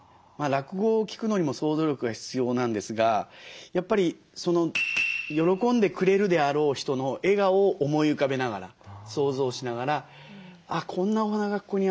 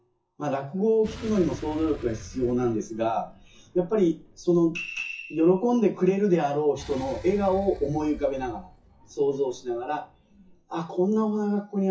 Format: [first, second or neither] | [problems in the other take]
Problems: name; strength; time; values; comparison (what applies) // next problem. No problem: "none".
first | noise reduction (classical method WPE with log-MMSE)